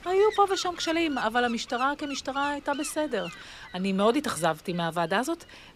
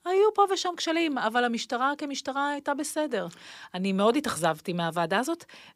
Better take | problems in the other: second | wind noise on the microphone; occasional gusts; 15 dB below the speech

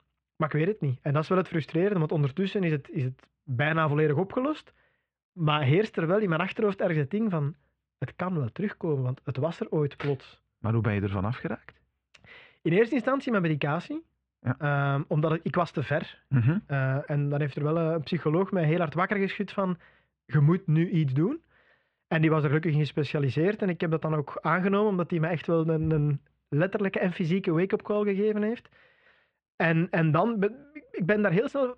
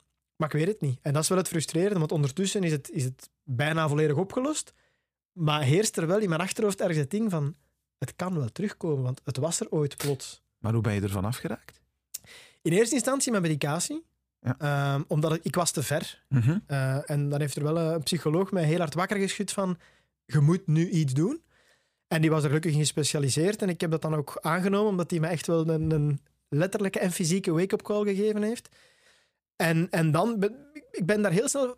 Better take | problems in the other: second | muffled; very; fading above 3 kHz

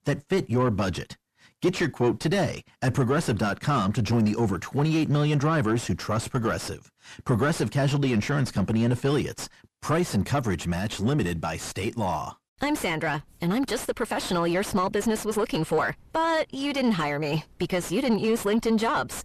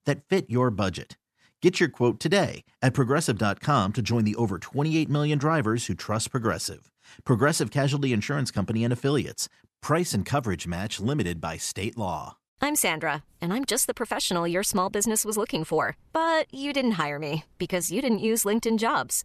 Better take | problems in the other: second | distortion; heavy; 7 dB below the speech

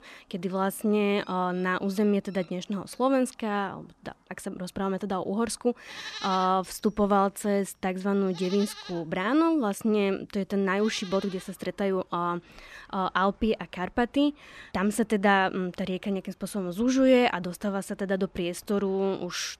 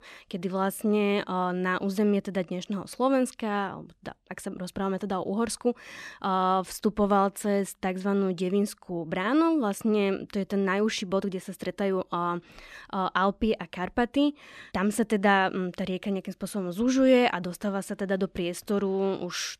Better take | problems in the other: second | animal sounds; noticeable; throughout; 15 dB below the speech

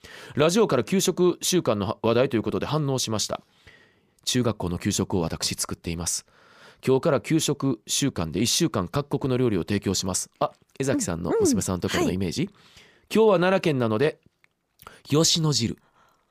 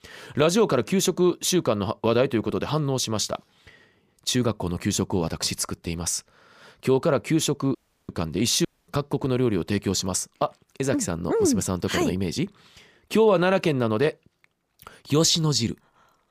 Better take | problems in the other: first | audio cutting out; at 8 s and at 8.5 s

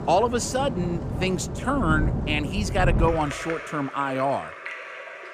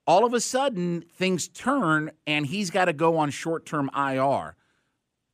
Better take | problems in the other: second | rain or running water; loud; throughout; 4 dB below the speech

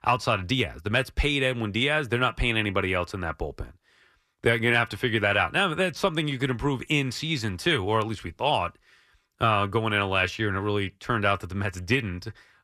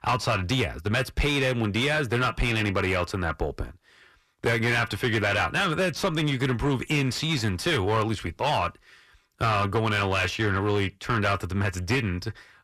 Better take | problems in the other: first | distortion; heavy; 7 dB below the speech

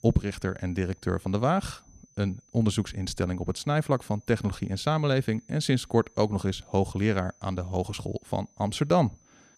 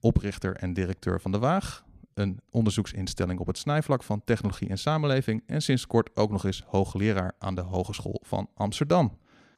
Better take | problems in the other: second | high-pitched whine; faint; throughout; 6 kHz, 30 dB below the speech

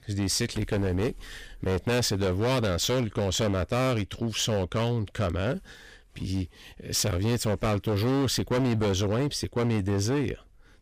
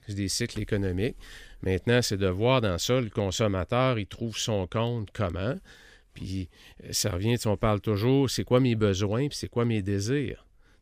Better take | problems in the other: second | distortion; heavy; 18% of the sound clipped

